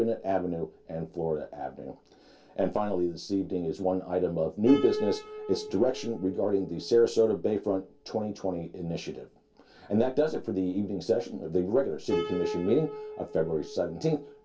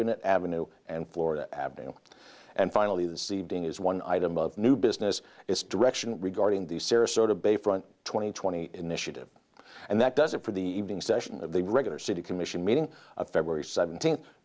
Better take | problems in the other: second | background sound (Piano); 12 dB below the speech // room echo; dies away in 0.2 s

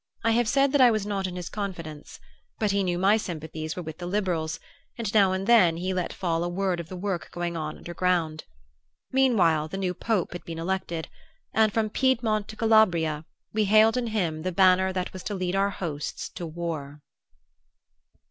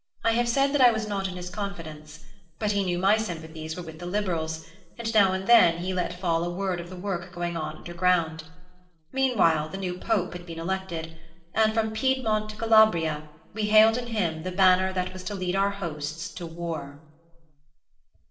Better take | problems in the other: first | room echo; dies away in 0.9 s

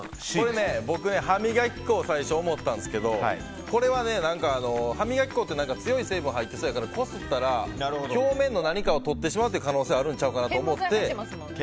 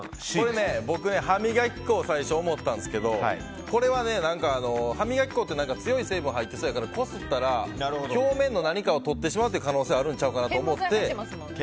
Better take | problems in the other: second | background sound (Sink (filling or washing) / Water tap, faucet); 20 dB below the speech

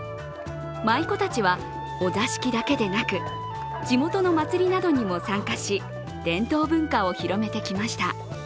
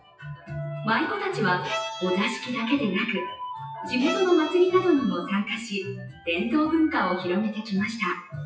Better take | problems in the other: first | noise reduction (classical method WPE with log-MMSE)

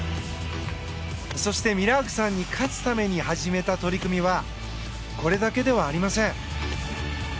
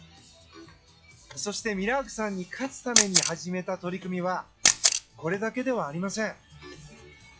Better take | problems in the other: first | noise reduction (classical method log-MMSE)

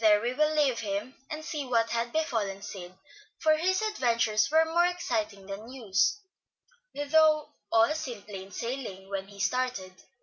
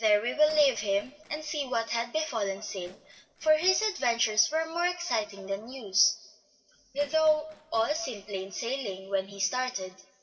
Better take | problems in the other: first | noise reduction (neural separator model SepFormer DNS4)

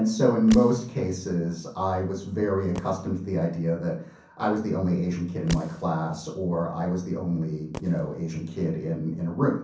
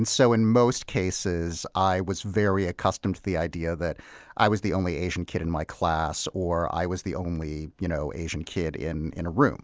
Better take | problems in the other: second | background sound (Fireworks); 17 dB below the speech // room echo; dies away in 0.6 s

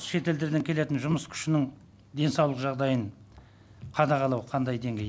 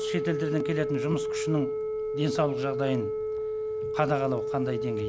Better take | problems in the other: first | background sound (Telephone); as loud as the speech

